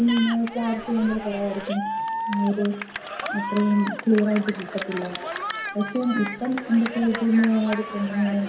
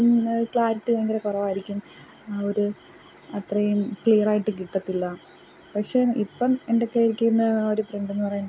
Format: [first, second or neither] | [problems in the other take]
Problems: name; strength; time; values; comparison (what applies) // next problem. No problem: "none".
second | background sound (Cheering); 9 dB below the speech // room echo; dies away in 0.7 s